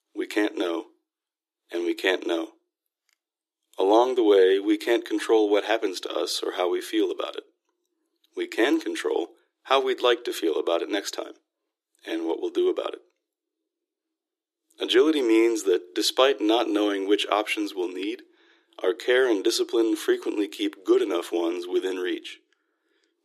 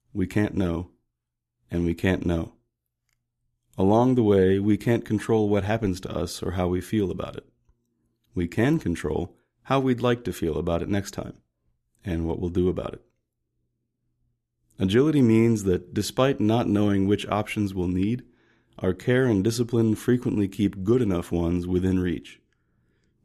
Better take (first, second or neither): second